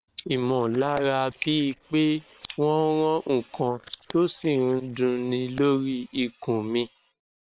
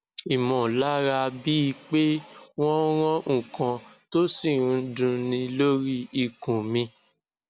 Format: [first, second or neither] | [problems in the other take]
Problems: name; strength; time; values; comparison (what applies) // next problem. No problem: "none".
second | noise reduction (neural separator model SepFormer WHAM!)